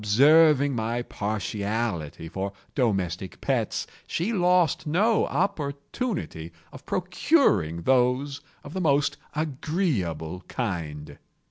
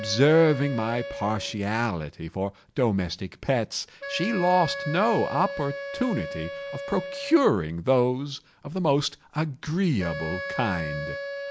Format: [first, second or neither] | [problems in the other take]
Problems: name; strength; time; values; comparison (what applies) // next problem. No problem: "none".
first | background sound (Wind instrument, woodwind instrument); 11 dB below the speech